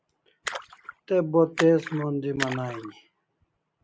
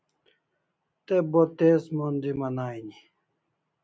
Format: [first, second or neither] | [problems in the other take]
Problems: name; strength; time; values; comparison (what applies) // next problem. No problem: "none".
second | background sound (Splash, splatter); 11 dB below the speech